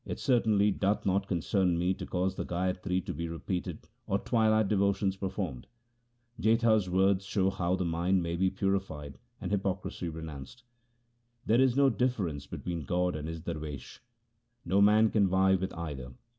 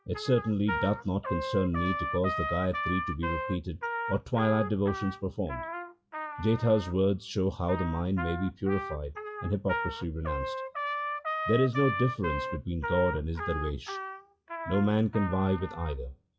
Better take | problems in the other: first | noise reduction (classical method WPE with log-MMSE)

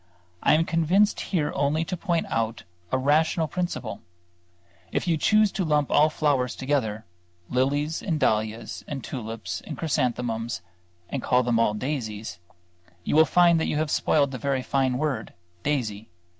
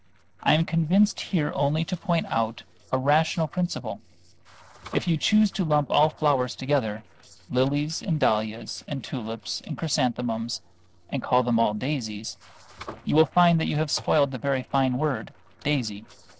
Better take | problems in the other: first | noise reduction (neural separator model SepFormer DNS4)

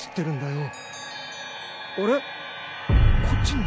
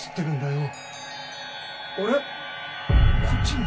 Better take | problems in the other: first | room echo; dies away in 0.2 s

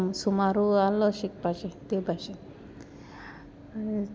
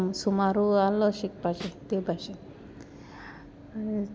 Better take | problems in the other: first | background sound (Snare drum); 14 dB below the speech

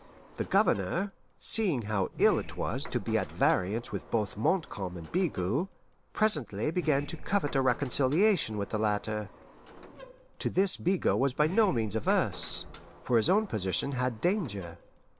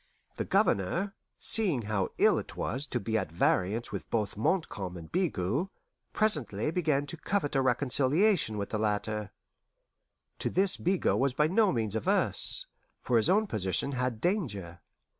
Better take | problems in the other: second | background sound (Sliding door); 14 dB below the speech

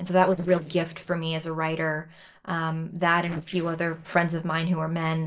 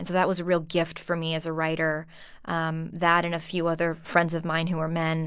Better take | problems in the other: second | noise reduction (neural separator model SepFormer DNS4)

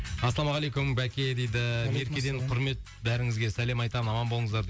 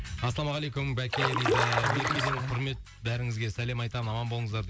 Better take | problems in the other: first | background sound (Stream); 2 dB above the speech

